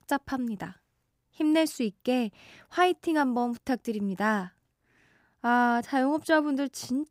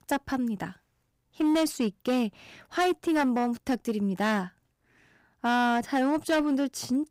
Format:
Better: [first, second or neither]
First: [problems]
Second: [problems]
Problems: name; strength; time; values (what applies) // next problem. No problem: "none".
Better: first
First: none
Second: distortion; slight; 9% of the sound clipped